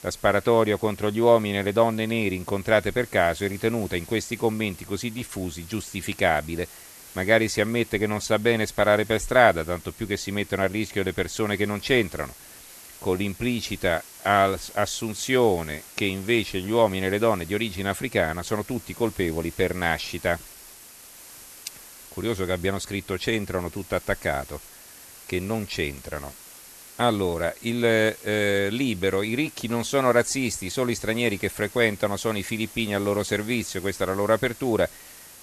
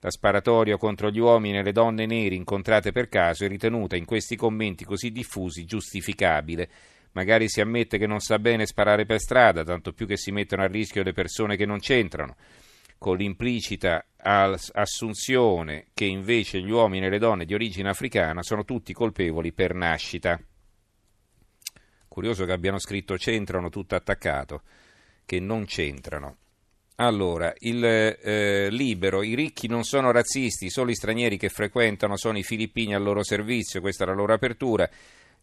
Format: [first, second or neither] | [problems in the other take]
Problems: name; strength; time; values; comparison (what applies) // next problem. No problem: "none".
second | hiss; noticeable; throughout; 20 dB below the speech